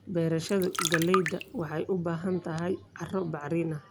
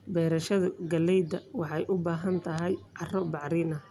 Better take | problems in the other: second | background sound (Trickle, dribble); 4 dB below the speech

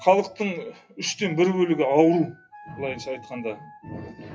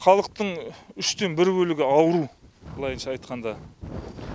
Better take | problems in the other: second | noise reduction (classical method WPE with log-MMSE)

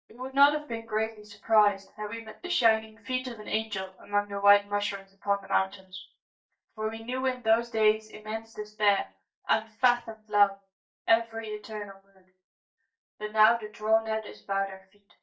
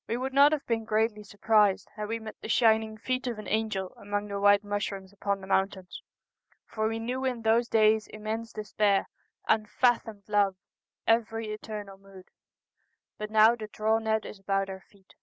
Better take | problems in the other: second | noise reduction (neural mask model DeepFilterNet 3)

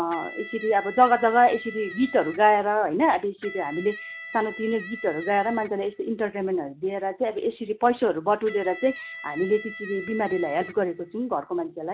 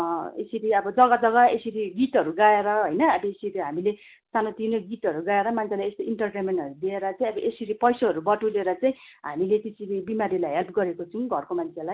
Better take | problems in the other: second | background sound (Electric guitar); 15 dB below the speech

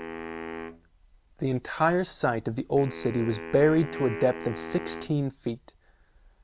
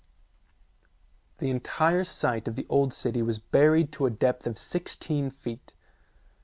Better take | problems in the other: second | background sound (Wind instrument, woodwind instrument); 12 dB below the speech

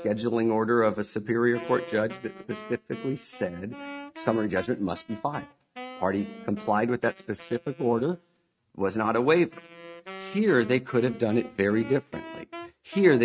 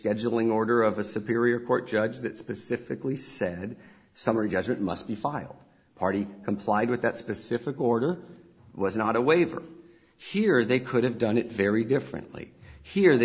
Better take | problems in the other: second | noise reduction (neural mask model RNNoise)

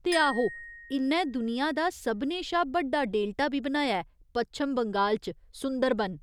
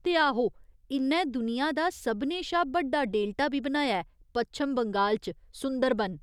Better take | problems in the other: second | background sound (Glockenspiel); 15 dB below the speech

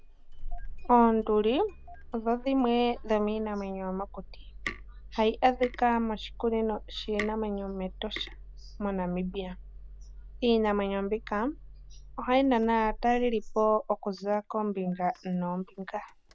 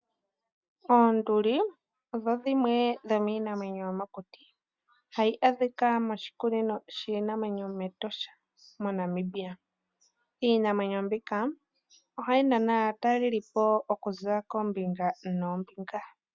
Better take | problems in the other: second | background sound (Tick + Engine starting); 13 dB below the speech

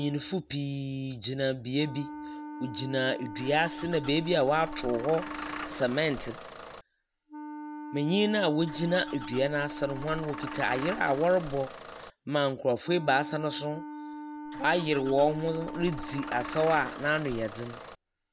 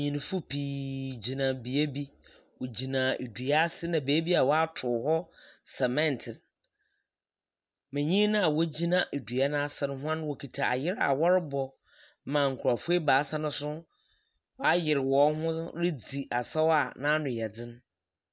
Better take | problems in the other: second | background sound (Wind instrument, woodwind instrument + Engine starting / Bus); 10 dB below the speech

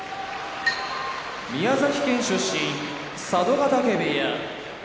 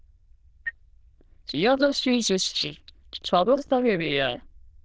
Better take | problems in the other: first | noise reduction (neural diffusion model UNIVERSE++)

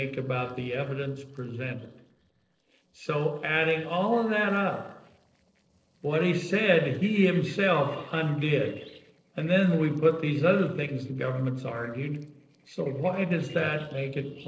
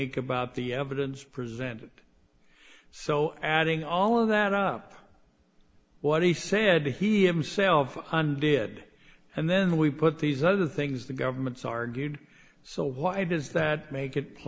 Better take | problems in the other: second | noise reduction (neural separator model SepFormer DNS4)

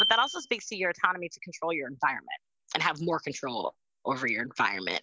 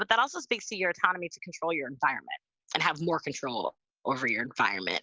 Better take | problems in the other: second | background sound (Bicycle bell); 8 dB below the speech

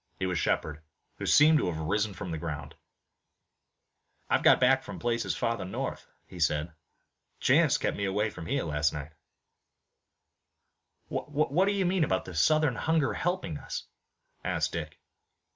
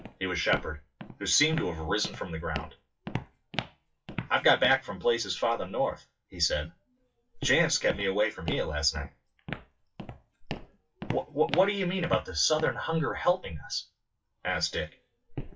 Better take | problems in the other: first | noise reduction (classical method WPE with log-MMSE)

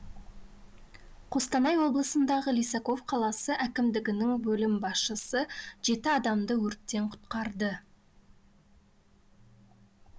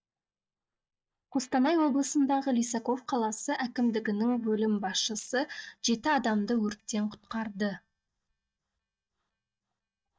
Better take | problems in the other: first | noise reduction (neural mask model DeepFilterNet 3)

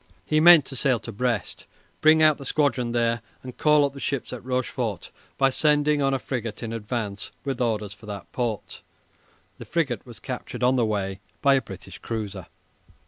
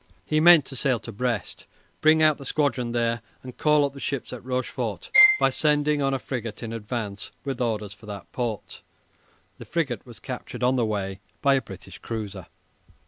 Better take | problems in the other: first | background sound (Bowed string instrument); 1 dB above the speech

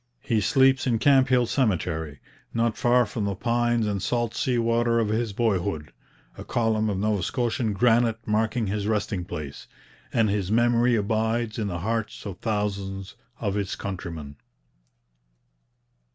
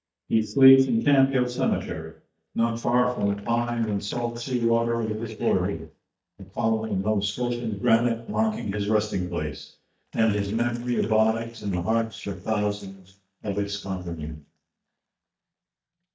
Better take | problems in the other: first | noise reduction (neural mask model DeepFilterNet 3)

